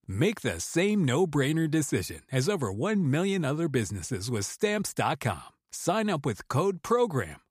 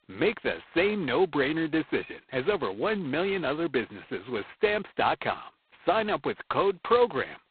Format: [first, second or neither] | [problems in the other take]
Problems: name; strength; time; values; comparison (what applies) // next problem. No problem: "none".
first | phone-call audio; poor line; nothing above 4 kHz